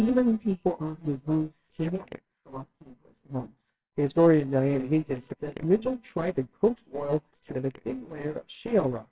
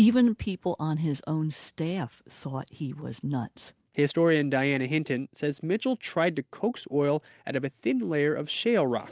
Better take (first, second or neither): second